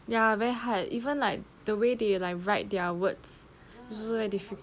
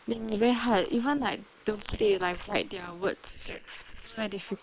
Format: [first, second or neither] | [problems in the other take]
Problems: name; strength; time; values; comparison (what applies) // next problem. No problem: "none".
first | noise reduction (neural separator model SepFormer WHAM!)